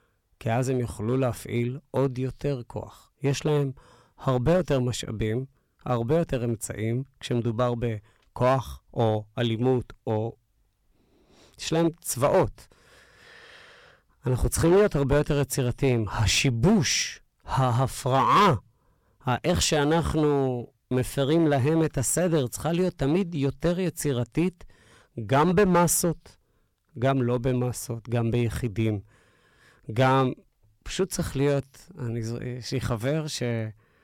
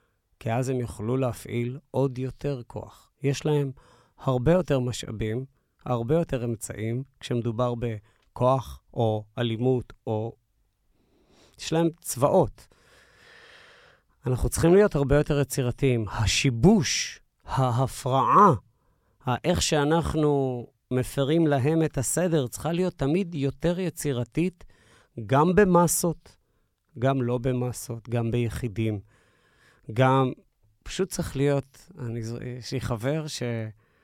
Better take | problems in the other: second | distortion; slight; 4% of the sound clipped

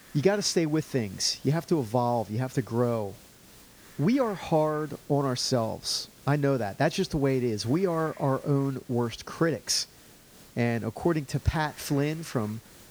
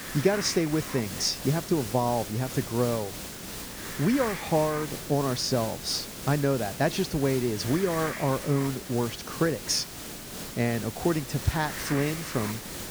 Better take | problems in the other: first | hiss; loud; throughout; 8 dB below the speech; faint in the first

